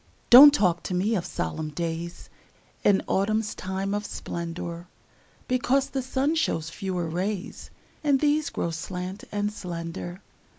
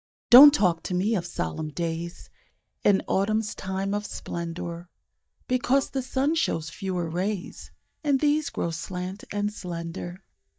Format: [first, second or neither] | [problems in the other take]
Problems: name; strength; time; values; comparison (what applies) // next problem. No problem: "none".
first | noise reduction (neural mask model DeepFilterNet 3)